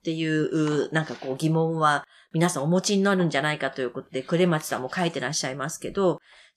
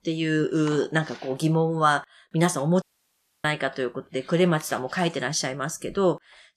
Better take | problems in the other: first | audio cutting out; at 3 s for 0.5 s

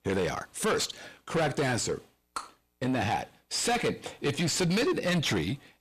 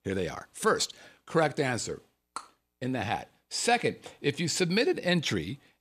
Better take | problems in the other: second | distortion; heavy; 6 dB below the speech

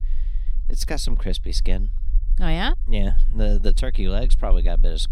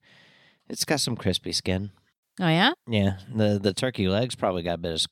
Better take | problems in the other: second | low rumble; faint; throughout; 20 dB below the speech

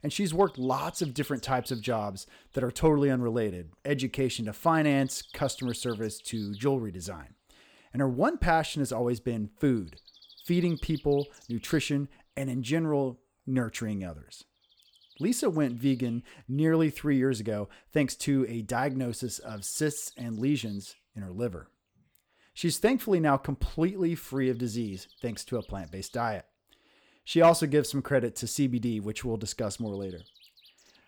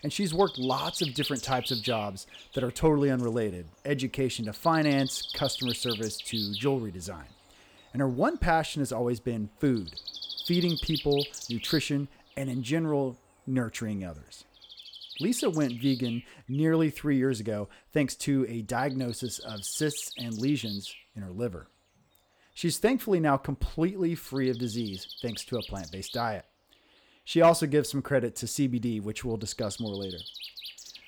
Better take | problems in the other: first | animal sounds; loud; throughout; 8 dB below the speech; faint in the first

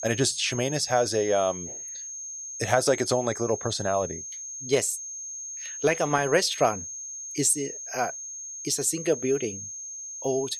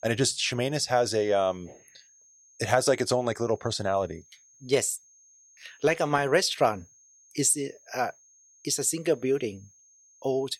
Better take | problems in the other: second | high-pitched whine; loud; throughout; 6.5 kHz, 8 dB below the speech; faint in the second

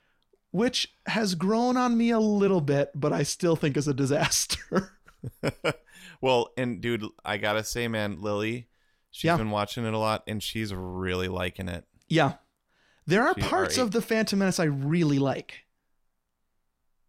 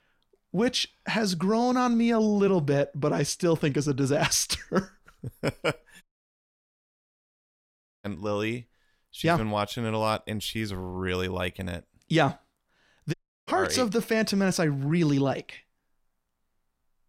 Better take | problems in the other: first | audio cutting out; at 6 s for 2 s and at 13 s

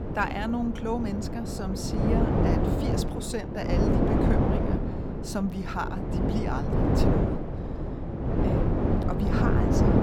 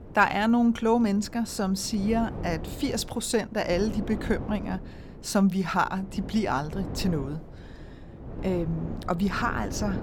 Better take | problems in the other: second | wind noise on the microphone; heavy; 3 dB above the speech; occasional gusts in the second

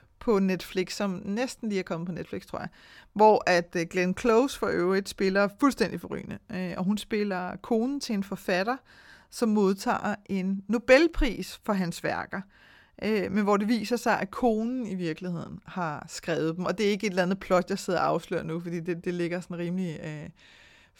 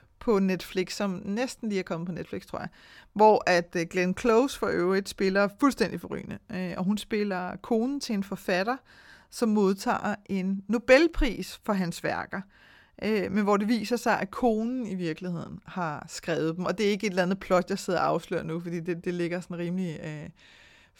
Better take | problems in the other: neither | none

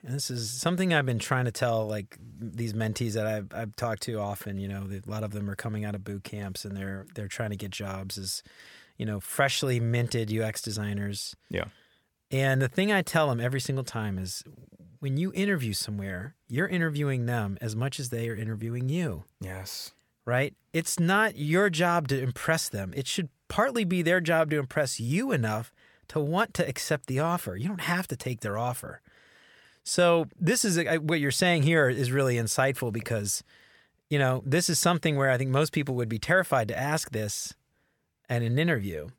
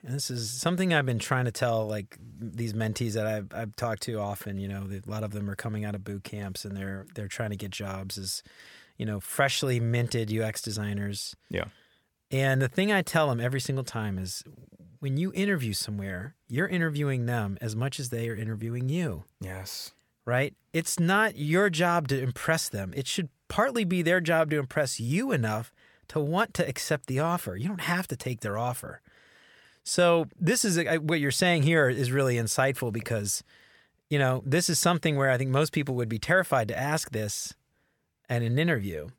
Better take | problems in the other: neither | none

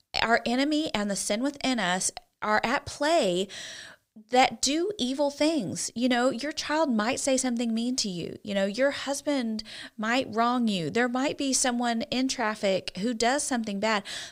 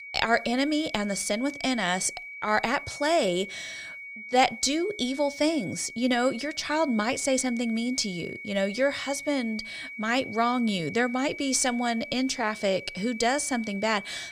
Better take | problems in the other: first | high-pitched whine; noticeable; throughout; 2 kHz, 10 dB below the speech

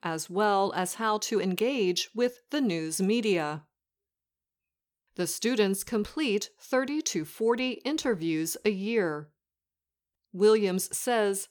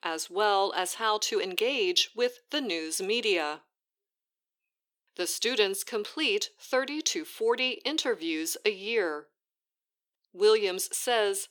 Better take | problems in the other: first | thin; somewhat; fading below 300 Hz

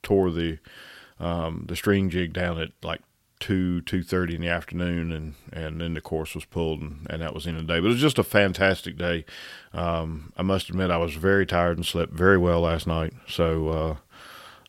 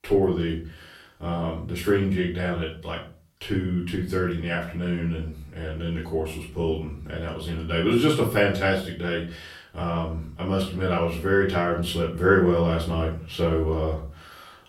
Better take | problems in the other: first | off-mic speech; far // room echo; slight; dies away in 0.4 s

